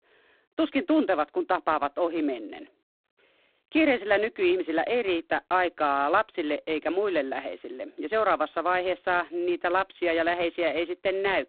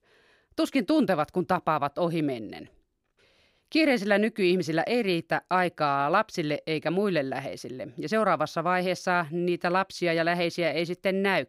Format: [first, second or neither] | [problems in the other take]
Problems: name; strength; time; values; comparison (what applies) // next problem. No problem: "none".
second | phone-call audio; poor line; nothing above 4 kHz